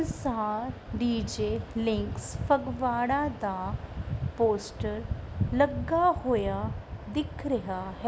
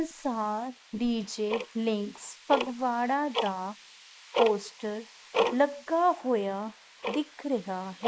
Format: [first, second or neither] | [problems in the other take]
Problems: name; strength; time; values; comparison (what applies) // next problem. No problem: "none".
first | noise reduction (neural mask model Resemble Enhance denoiser)